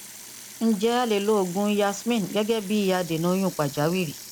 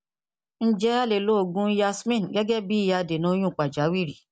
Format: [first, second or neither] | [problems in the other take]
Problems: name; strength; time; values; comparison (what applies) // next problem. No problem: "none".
second | background sound (Sink (filling or washing) / Water tap, faucet); 16 dB below the speech